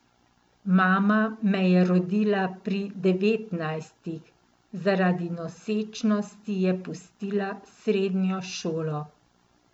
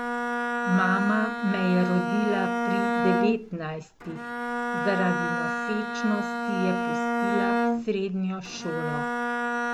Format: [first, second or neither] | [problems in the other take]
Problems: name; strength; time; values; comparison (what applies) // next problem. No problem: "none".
first | background sound (Bowed string instrument); 1 dB above the speech